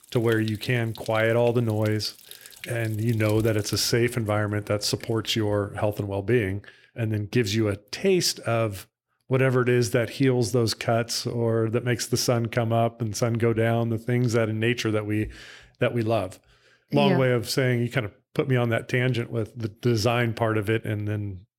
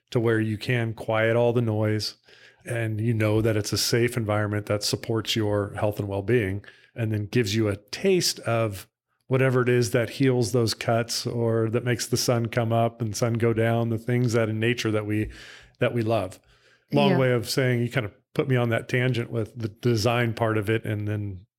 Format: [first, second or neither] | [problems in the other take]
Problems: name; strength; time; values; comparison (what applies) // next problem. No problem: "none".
second | rain or running water; noticeable; until 5.5 s; 20 dB below the speech